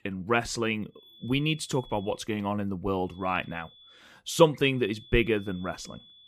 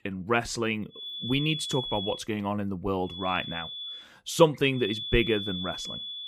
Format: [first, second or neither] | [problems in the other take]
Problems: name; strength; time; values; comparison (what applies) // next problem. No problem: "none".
first | high-pitched whine; loud; from 1 to 2 s, at 3 s and from 5 s on; 3.5 kHz, 7 dB below the speech; faint in the first